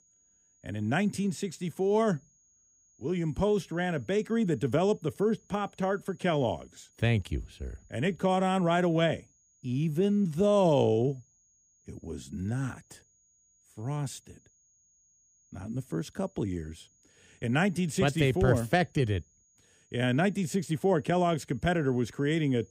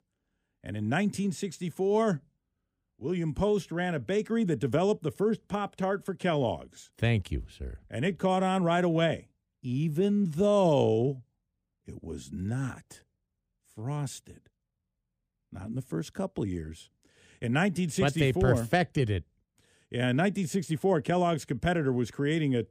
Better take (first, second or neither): second